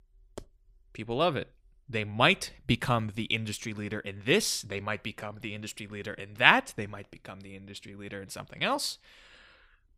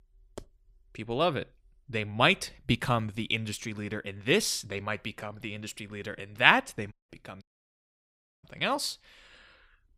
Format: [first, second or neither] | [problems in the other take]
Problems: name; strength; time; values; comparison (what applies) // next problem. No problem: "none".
first | audio cutting out; at 7 s and at 7.5 s for 1 s